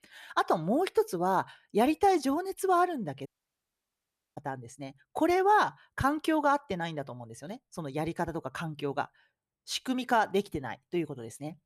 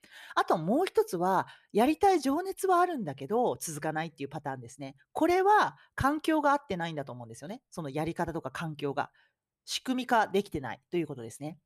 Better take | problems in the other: second | audio cutting out; at 3.5 s for 1 s

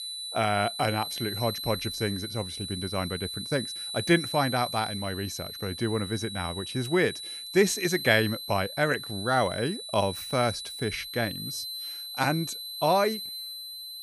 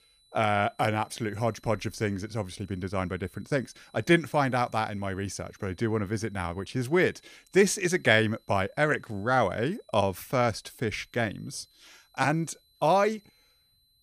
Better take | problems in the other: second | high-pitched whine; loud; throughout; 4 kHz, 6 dB below the speech; faint in the second

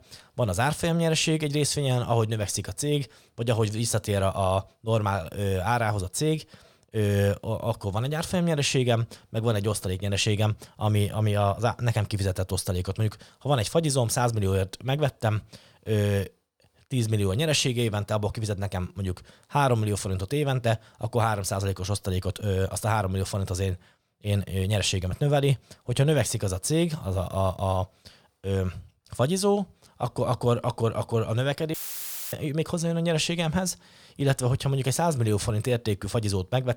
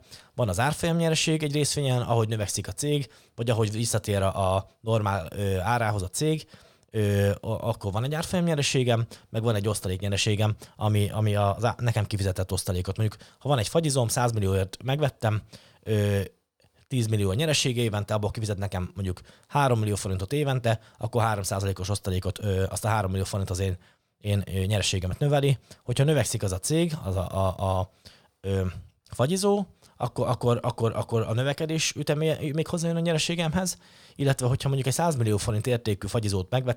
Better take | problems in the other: second | audio cutting out; filled with static; at 32 s for 0.5 s

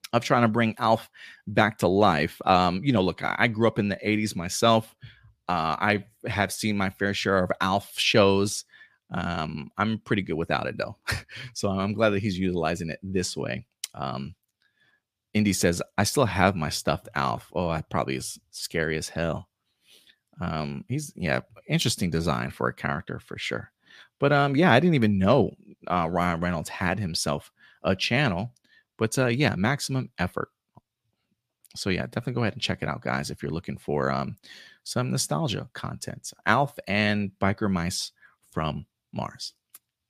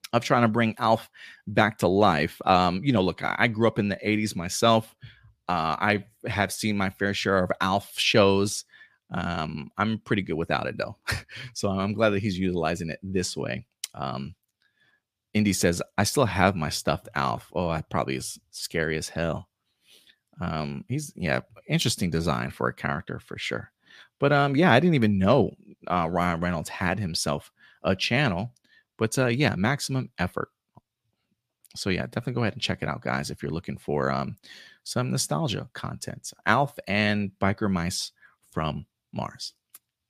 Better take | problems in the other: neither | none

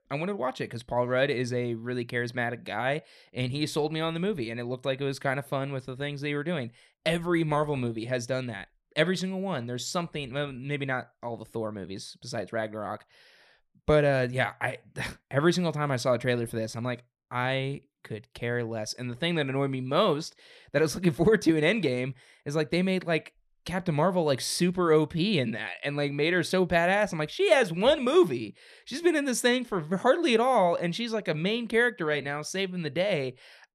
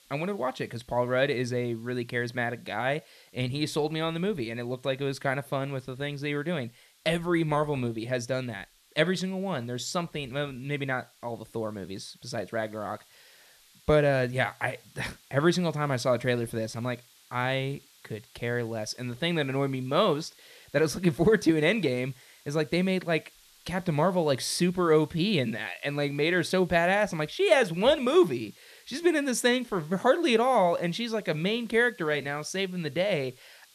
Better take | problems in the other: first | hiss; faint; throughout; 30 dB below the speech

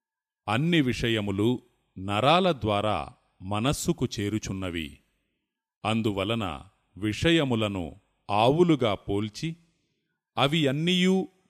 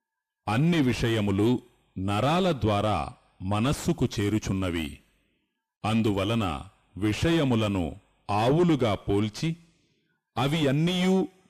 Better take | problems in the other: first | distortion; heavy; 6 dB below the speech

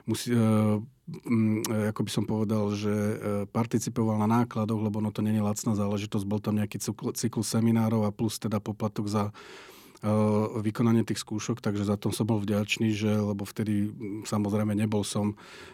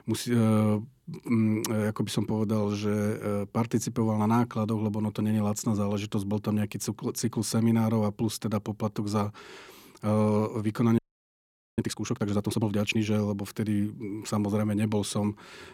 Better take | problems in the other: first | audio freezing; at 11 s for 1 s

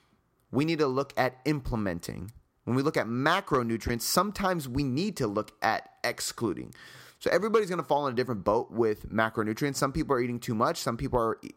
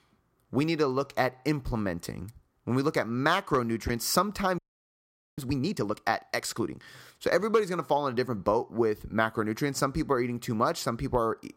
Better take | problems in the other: first | audio freezing; at 4.5 s for 1 s

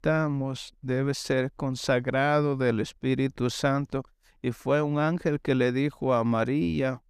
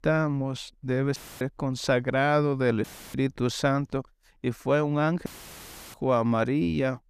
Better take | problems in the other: first | audio cutting out; filled with static; at 1 s, at 3 s and at 5.5 s for 0.5 s

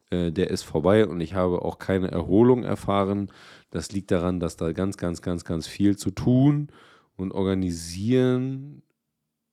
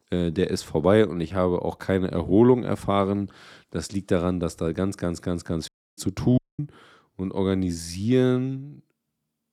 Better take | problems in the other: first | audio cutting out; at 5.5 s and at 6.5 s

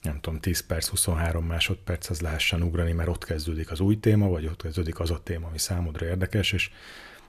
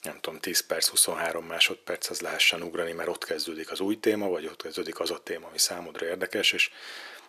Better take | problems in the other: first | thin; very; fading below 350 Hz

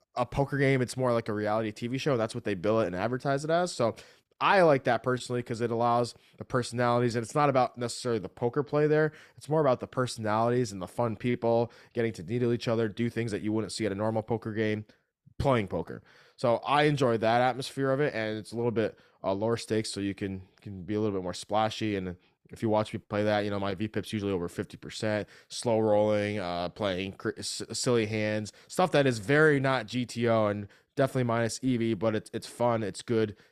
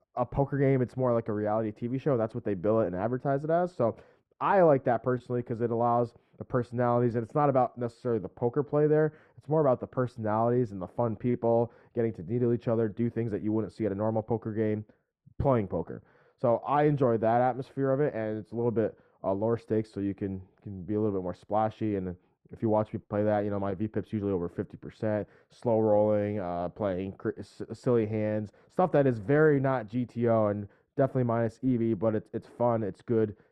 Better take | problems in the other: first | muffled; very; fading above 2 kHz

